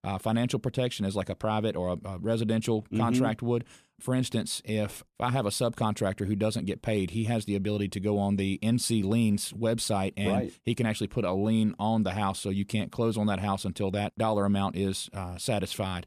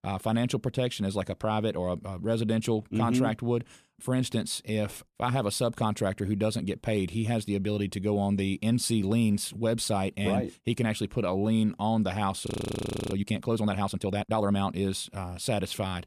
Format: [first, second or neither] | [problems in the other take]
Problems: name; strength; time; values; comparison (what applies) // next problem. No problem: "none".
first | audio freezing; at 12 s for 0.5 s